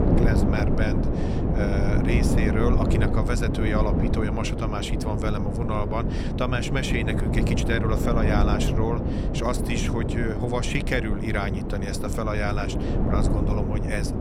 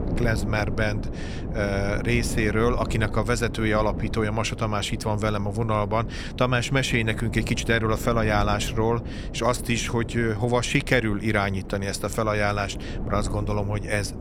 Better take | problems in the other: second | wind noise on the microphone; heavy; 2 dB below the speech; occasional gusts in the second

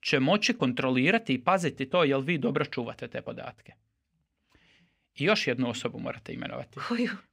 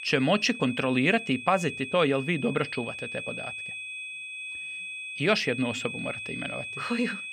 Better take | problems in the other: first | high-pitched whine; loud; throughout; 2.5 kHz, 8 dB below the speech

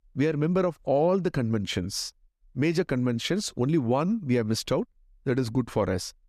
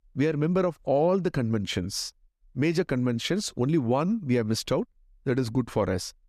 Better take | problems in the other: neither | none

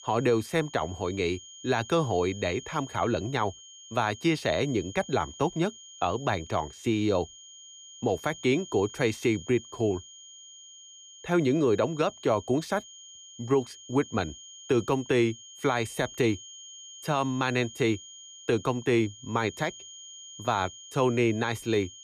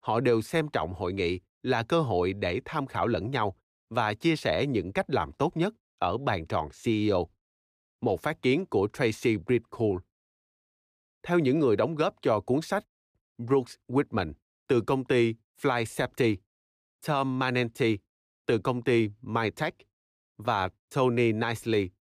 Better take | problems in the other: second | high-pitched whine; noticeable; throughout; 3 kHz, 15 dB below the speech

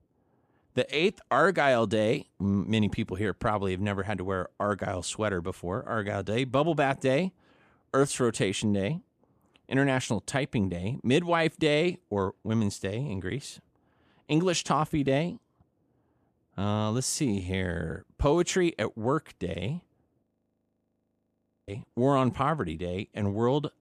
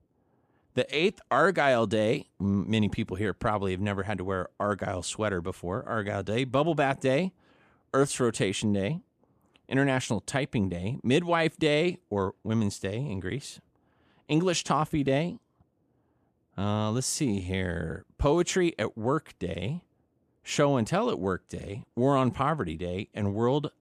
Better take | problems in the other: second | audio freezing; at 20 s for 1.5 s

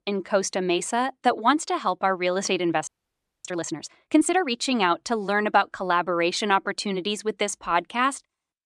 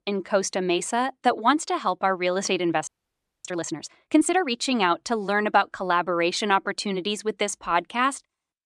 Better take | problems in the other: neither | audio freezing; at 3 s for 0.5 s; the same in both

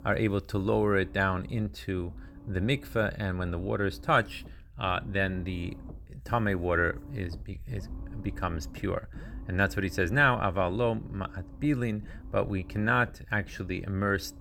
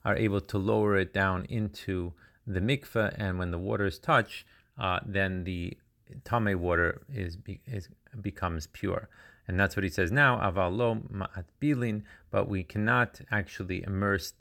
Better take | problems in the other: second | low rumble; faint; throughout; 25 dB below the speech

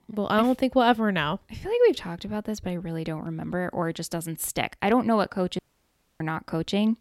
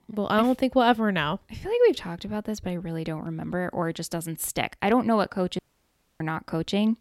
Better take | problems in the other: neither | audio cutting out; at 5.5 s for 0.5 s; the same in both

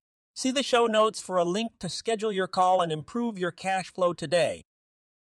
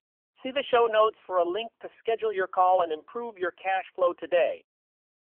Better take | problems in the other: first | phone-call audio; nothing above 3 kHz

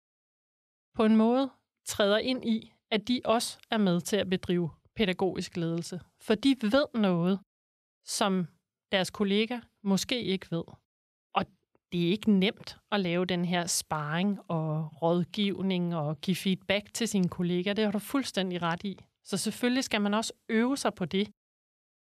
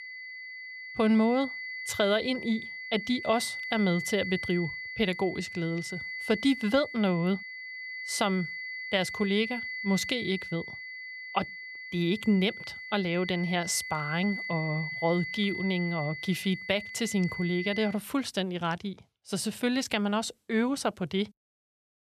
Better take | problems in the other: first | high-pitched whine; loud; until 18 s; 2 kHz, 7 dB below the speech

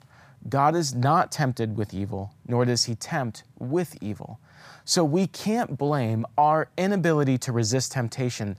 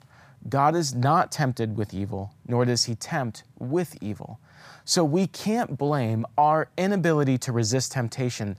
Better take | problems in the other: neither | none

